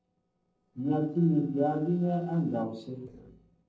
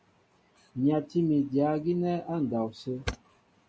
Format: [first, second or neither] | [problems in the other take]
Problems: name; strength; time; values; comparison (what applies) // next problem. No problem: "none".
second | noise reduction (neural separator model SepFormer DNS4)